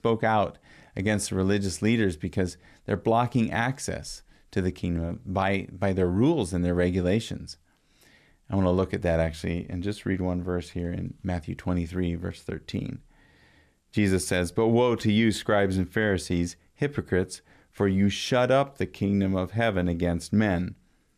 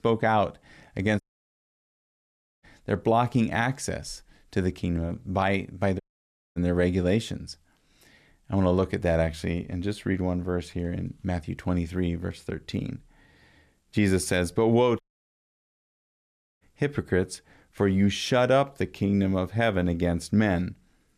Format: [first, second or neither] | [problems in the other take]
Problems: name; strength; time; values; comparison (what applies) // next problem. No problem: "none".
first | audio cutting out; at 1 s for 1.5 s, at 6 s for 0.5 s and at 15 s for 1.5 s